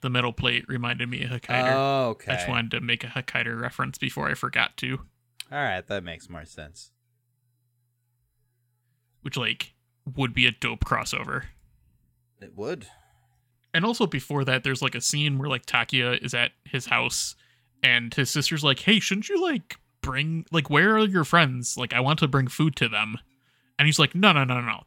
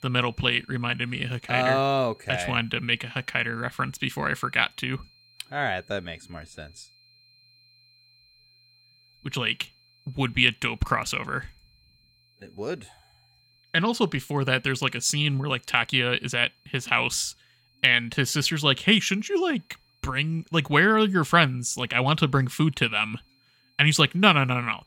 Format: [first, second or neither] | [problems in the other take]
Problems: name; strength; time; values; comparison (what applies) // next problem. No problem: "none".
first | high-pitched whine; faint; throughout; 4 kHz, 35 dB below the speech